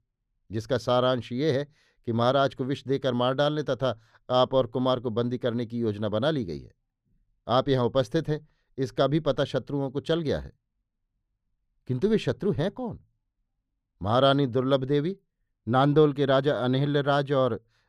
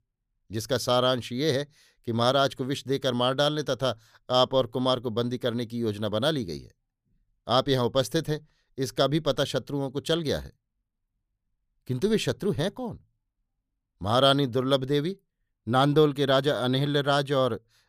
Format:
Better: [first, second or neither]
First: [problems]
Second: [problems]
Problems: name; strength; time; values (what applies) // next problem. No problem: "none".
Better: second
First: muffled; slightly; fading above 2 kHz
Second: none